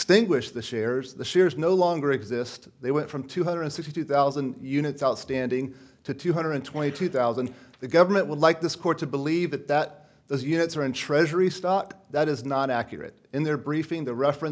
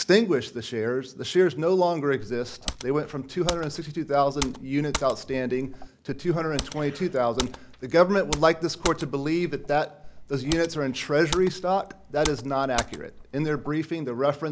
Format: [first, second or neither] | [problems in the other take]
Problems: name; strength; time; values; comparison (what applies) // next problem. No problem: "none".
first | background sound (Computer keyboard); 11 dB below the speech